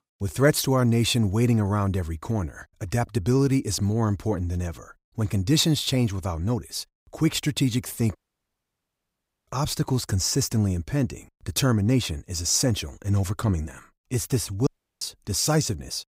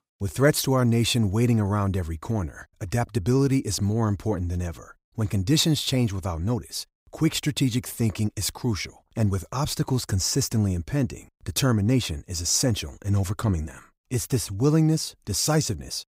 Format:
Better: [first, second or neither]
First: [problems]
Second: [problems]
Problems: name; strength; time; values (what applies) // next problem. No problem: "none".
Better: second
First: audio cutting out; at 8 s for 1.5 s and at 15 s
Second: none